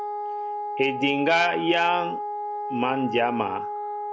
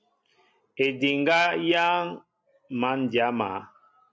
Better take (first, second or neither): second